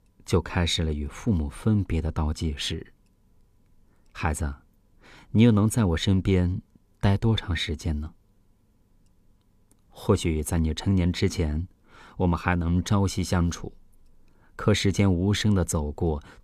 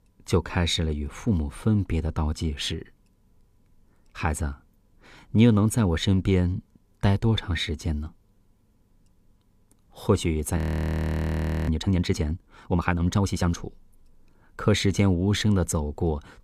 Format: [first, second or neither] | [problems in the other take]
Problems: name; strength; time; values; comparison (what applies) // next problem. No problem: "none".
first | audio freezing; at 11 s for 1 s